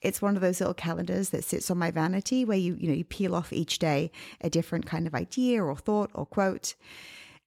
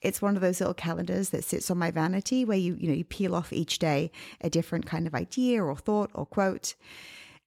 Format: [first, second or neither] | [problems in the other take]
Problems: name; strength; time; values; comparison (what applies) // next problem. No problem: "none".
neither | none